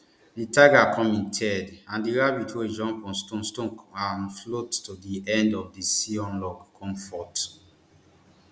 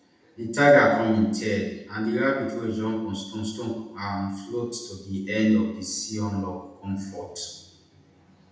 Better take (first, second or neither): first